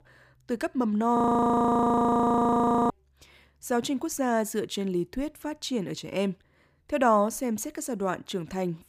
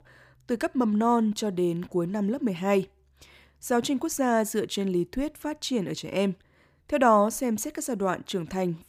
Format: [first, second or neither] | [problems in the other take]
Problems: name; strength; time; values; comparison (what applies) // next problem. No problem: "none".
second | audio freezing; at 1 s for 1.5 s